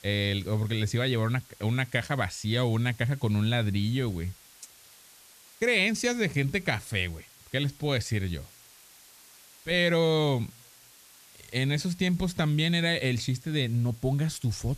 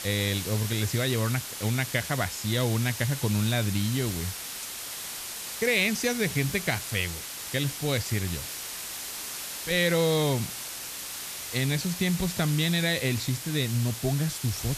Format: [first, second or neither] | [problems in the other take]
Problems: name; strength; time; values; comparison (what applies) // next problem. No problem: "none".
first | hiss; loud; throughout; 7 dB below the speech; faint in the first